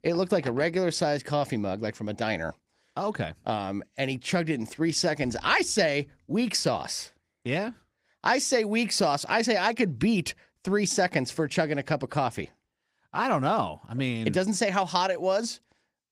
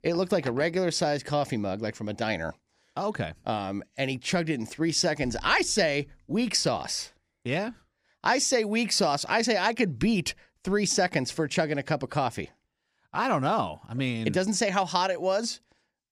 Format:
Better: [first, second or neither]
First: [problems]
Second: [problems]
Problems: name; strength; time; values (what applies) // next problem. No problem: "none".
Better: second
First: garbled, watery; slightly; nothing above 15.5 kHz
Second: none